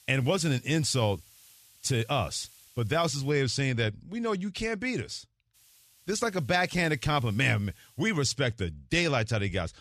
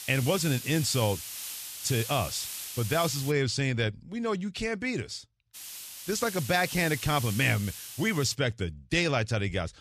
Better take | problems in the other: first | hiss; loud; until 3.5 s and from 5.5 to 8.5 s; 8 dB below the speech; faint in the first

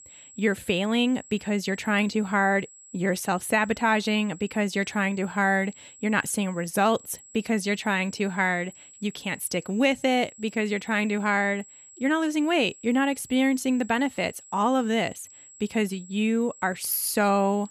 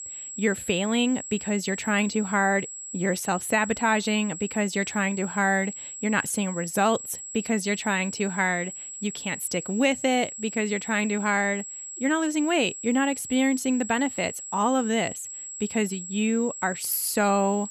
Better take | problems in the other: first | high-pitched whine; loud; throughout; 7.5 kHz, 9 dB below the speech; faint in the first

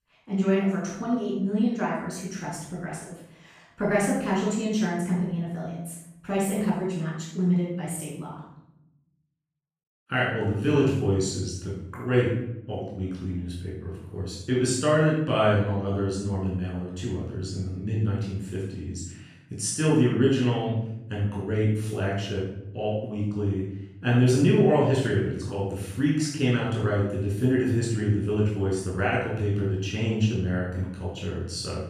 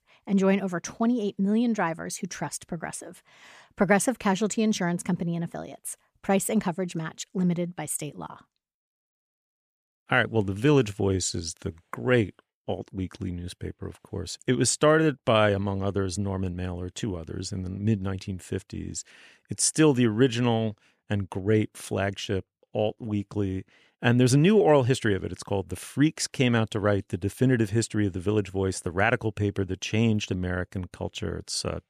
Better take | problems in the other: second | off-mic speech; far // room echo; noticeable; dies away in 0.8 s

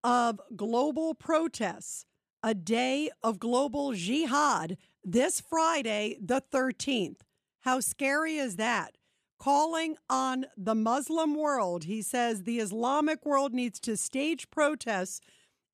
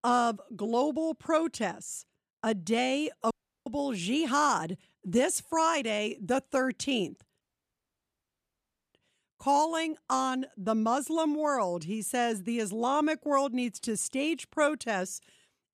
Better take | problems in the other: first | audio cutting out; at 3.5 s and at 7.5 s for 1.5 s

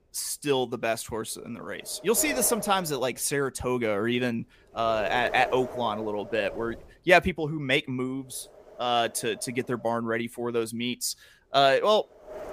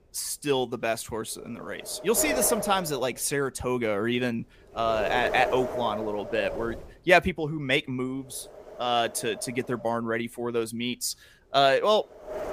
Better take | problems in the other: first | wind noise on the microphone; heavy; 8 dB below the speech; occasional gusts in the first

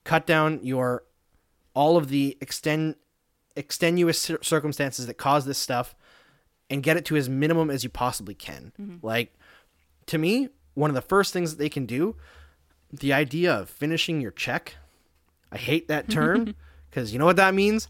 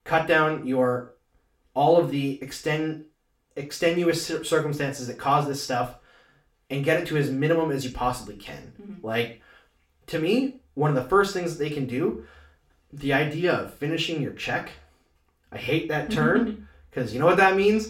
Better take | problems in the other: first | room echo; slight; dies away in 0.3 s // off-mic speech; far

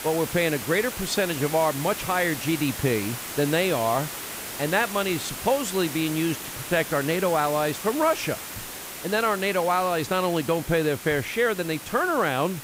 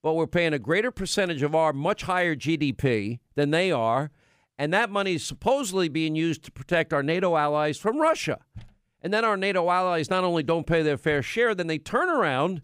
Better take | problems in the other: second | hiss; loud; throughout; 9 dB below the speech

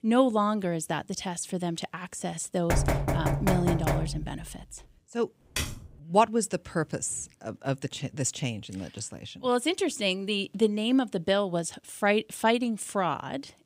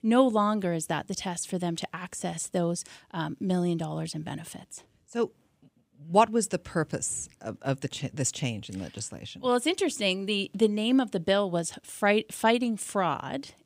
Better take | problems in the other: second | door banging; loud; from 2.5 to 4.5 s; peak 2 dB above the speech // keyboard typing; noticeable; at 5.5 s; peak 4 dB below the speech

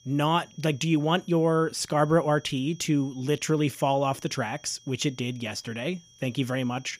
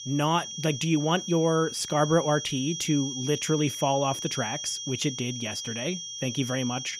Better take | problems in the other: first | high-pitched whine; loud; throughout; 3.5 kHz, 7 dB below the speech; faint in the first

